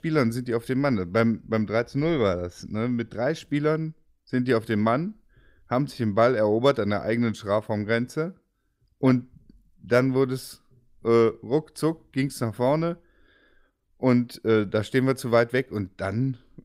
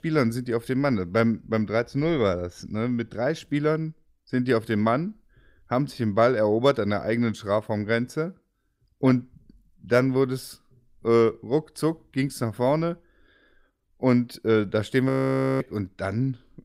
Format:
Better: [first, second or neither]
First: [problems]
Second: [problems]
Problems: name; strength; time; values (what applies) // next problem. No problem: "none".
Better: first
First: none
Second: audio freezing; at 15 s for 0.5 s